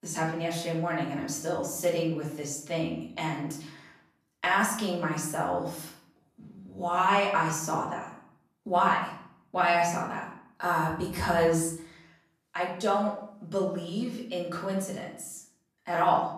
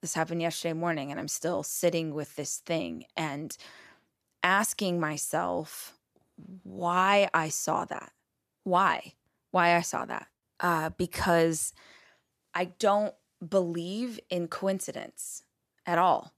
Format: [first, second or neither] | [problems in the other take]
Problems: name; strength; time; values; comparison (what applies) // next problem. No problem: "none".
second | room echo; noticeable; dies away in 0.6 s // off-mic speech; far